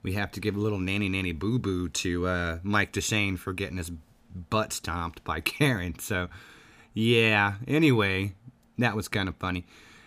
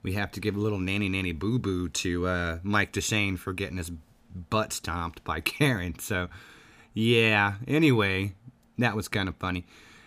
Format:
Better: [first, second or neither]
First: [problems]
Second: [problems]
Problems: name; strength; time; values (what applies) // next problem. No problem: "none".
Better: neither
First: none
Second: none